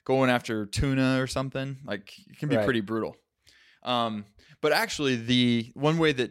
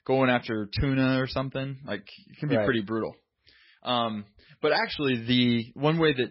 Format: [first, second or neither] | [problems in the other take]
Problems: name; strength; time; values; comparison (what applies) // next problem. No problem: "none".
first | garbled, watery; badly; nothing above 5.5 kHz